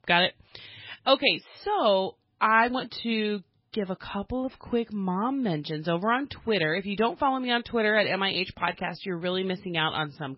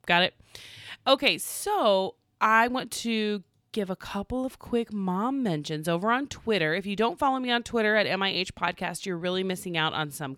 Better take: second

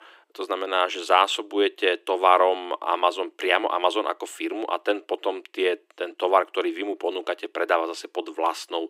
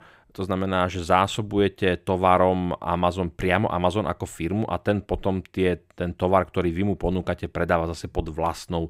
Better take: second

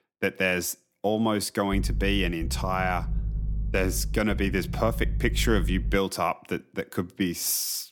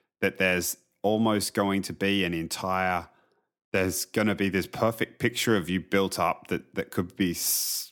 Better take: second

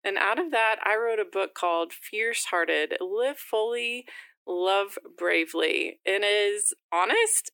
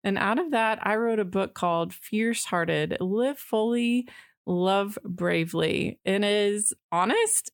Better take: second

